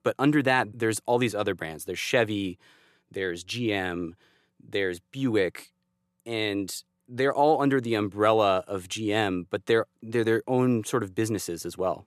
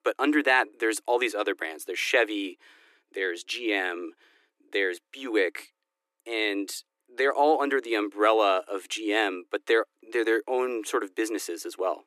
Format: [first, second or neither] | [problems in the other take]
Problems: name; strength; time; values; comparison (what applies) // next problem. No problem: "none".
first | thin; somewhat; fading below 300 Hz